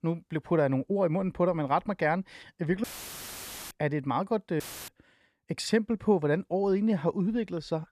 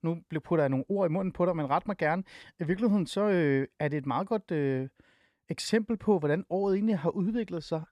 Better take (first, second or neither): second